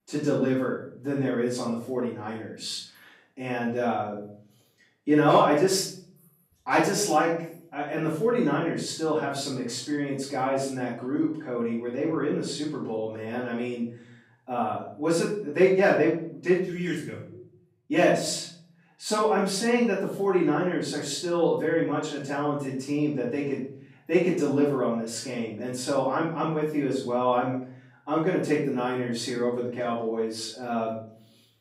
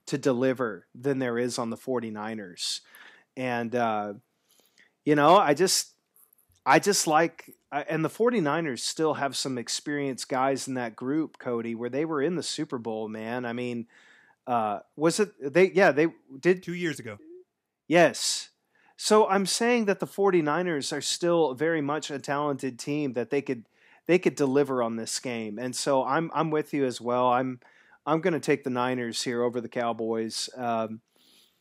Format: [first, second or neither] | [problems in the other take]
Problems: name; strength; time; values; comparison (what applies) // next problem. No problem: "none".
second | off-mic speech; far // room echo; noticeable; dies away in 0.6 s